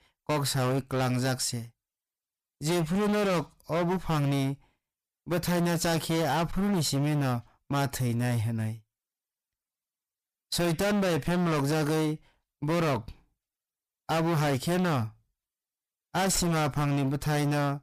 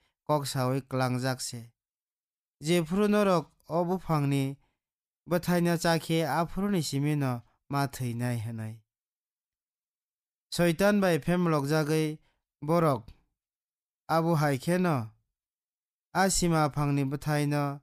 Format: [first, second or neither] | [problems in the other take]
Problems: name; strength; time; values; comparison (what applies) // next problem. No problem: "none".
second | distortion; heavy; 25% of the sound clipped